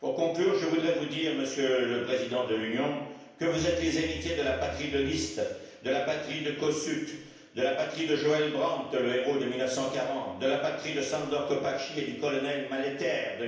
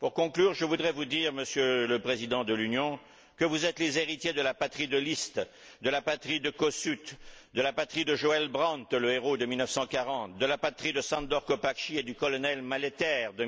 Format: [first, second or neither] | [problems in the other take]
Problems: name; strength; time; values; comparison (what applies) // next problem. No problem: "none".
second | background sound (Bowed string instrument); 13 dB below the speech // room echo; dies away in 0.9 s